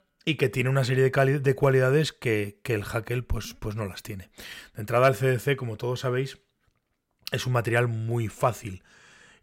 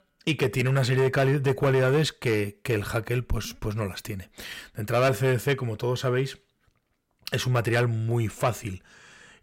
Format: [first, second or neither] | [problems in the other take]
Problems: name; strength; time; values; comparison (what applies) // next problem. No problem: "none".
first | distortion; slight; 10 dB below the speech